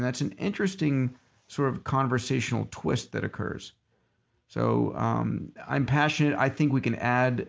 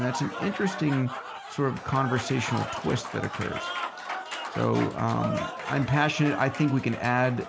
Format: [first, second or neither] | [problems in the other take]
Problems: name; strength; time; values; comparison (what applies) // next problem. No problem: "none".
first | background sound (Applause / Crowd); 8 dB below the speech